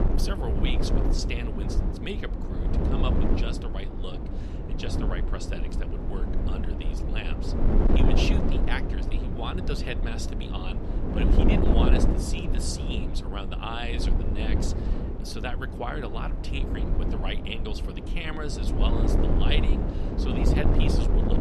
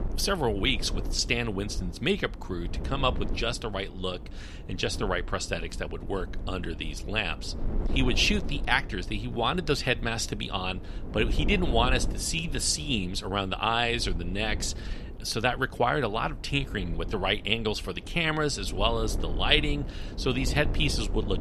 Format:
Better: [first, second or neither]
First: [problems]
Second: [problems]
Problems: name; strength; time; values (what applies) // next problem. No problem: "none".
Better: second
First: wind noise on the microphone; heavy; as loud as the speech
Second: wind noise on the microphone; occasional gusts; 15 dB below the speech